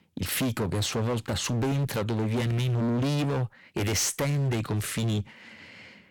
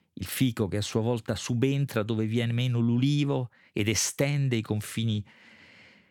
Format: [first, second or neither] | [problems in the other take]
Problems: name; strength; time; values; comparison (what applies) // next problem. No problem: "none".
second | distortion; heavy; 28% of the sound clipped